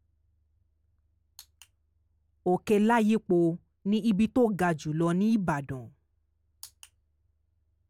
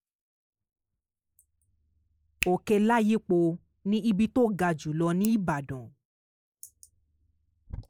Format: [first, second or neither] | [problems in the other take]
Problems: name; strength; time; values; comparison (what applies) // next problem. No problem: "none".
first | noise reduction (neural mask model Resemble Enhance denoiser)